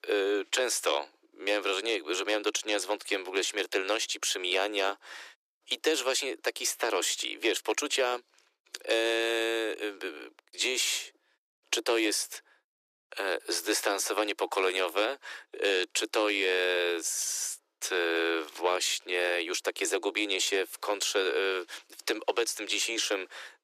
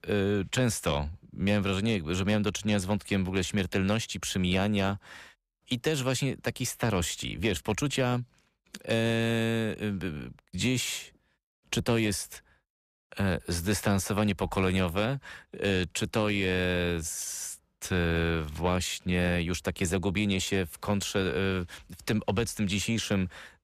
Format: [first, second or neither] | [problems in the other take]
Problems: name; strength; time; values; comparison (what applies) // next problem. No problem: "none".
second | thin; very; fading below 300 Hz